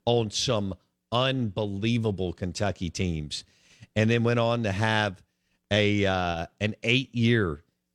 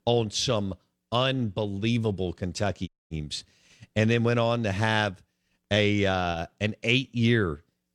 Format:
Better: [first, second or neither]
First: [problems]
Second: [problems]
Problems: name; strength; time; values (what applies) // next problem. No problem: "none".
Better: first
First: none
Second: audio cutting out; at 3 s